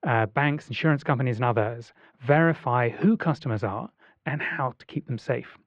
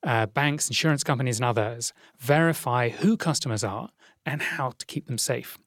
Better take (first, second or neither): second